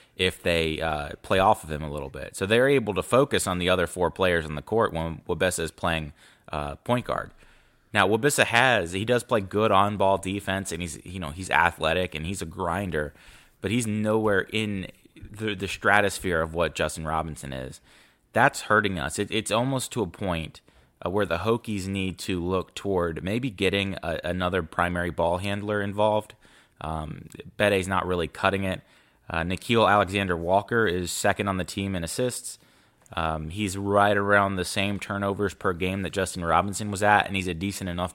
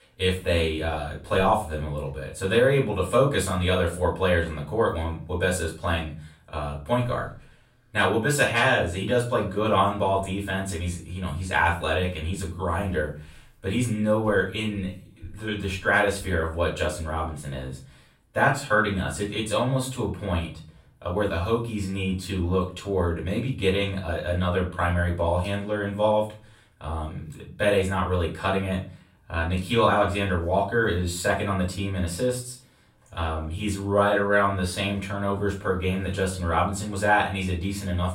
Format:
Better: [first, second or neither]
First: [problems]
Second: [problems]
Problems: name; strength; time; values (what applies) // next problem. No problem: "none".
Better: first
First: none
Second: off-mic speech; far // room echo; slight; dies away in 0.3 s